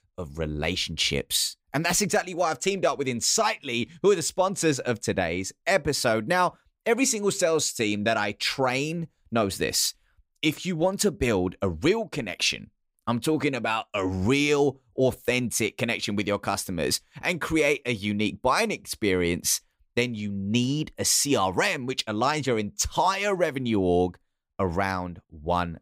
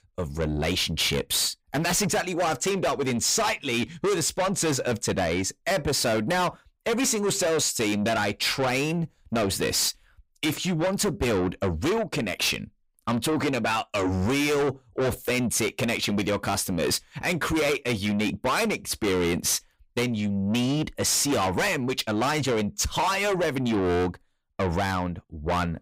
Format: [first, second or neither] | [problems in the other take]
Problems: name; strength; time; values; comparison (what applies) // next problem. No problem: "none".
first | distortion; heavy; 6 dB below the speech